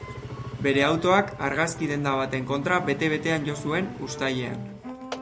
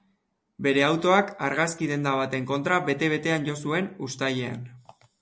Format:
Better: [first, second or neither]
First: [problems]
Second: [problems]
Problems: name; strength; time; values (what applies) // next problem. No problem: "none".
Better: second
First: background sound (Engine); 11 dB below the speech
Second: none